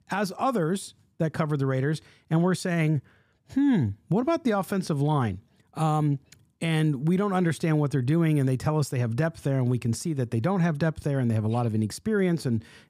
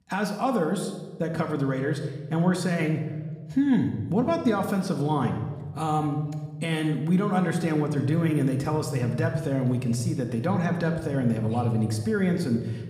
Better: first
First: none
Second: room echo; slight; dies away in 1 s

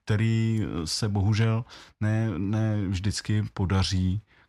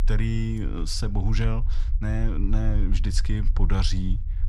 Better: first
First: none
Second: low rumble; noticeable; throughout; 15 dB below the speech

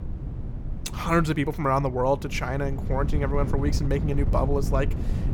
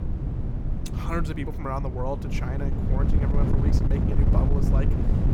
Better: first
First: wind noise on the microphone; occasional gusts; 15 dB below the speech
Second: wind noise on the microphone; heavy; 2 dB below the speech

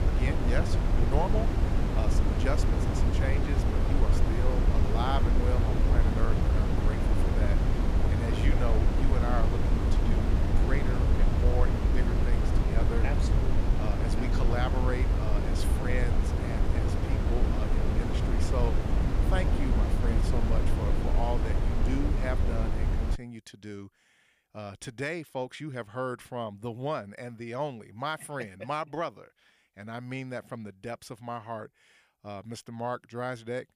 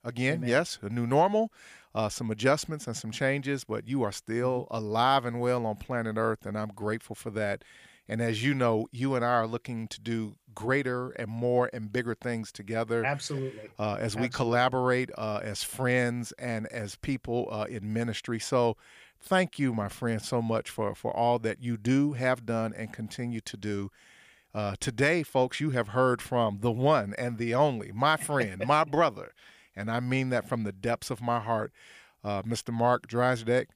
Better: second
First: wind noise on the microphone; heavy; until 23 s; as loud as the speech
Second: none

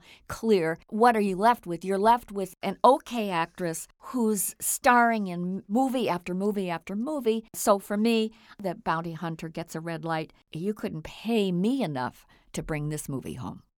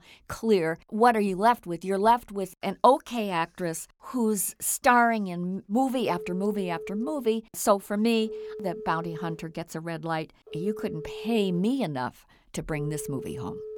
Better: first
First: none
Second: phone ringing; faint; from 6 s on; peak 10 dB below the speech

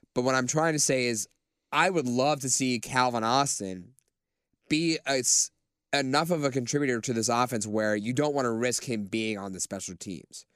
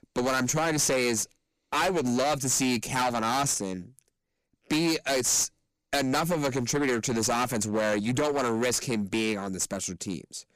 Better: first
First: none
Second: distortion; heavy; 17% of the sound clipped

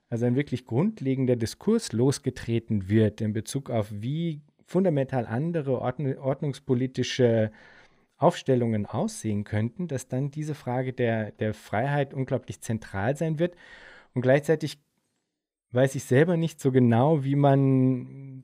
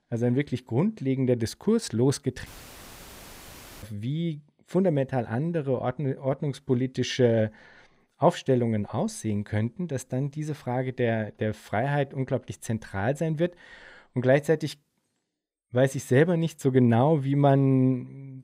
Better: first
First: none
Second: audio cutting out; filled with static; at 2.5 s for 1.5 s

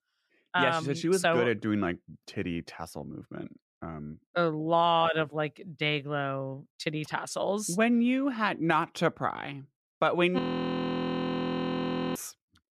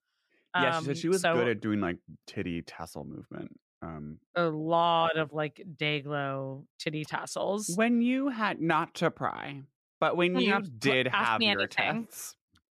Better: second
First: audio freezing; at 10 s for 2 s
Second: none

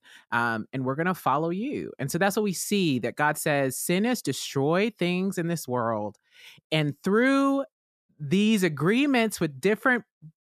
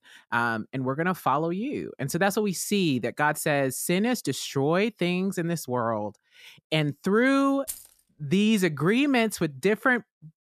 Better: first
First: none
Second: jangling keys; faint; at 7.5 s; peak 10 dB below the speech

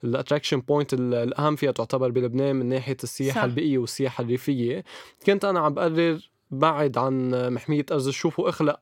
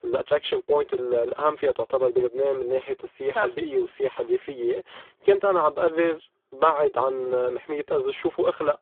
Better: first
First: none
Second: phone-call audio; poor line

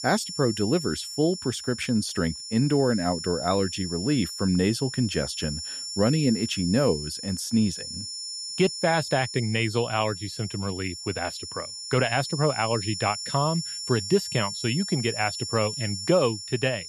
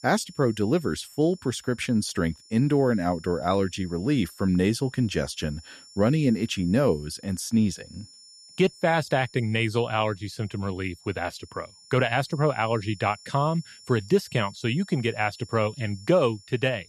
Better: second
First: high-pitched whine; loud; throughout; 5.5 kHz, 7 dB below the speech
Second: high-pitched whine; faint; throughout; 5.5 kHz, 25 dB below the speech

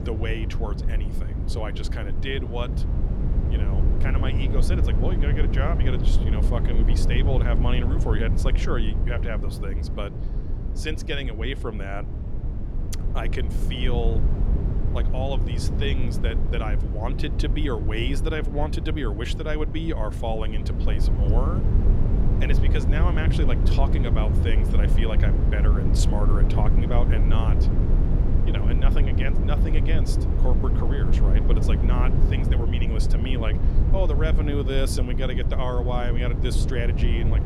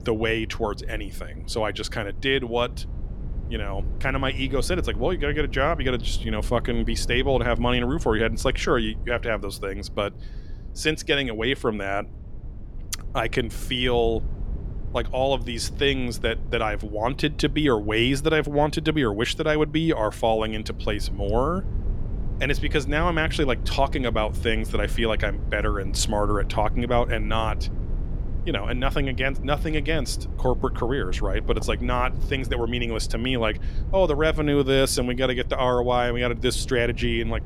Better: second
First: low rumble; loud; throughout; 4 dB below the speech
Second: low rumble; faint; throughout; 20 dB below the speech

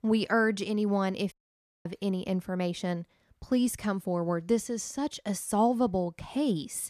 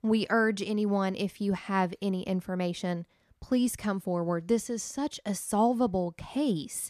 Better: second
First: audio cutting out; at 1.5 s for 0.5 s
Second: none

